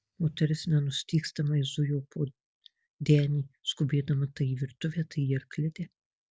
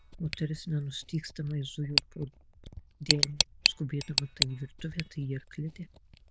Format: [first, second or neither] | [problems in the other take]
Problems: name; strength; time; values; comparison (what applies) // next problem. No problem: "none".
first | noise reduction (neural diffusion model UNIVERSE++)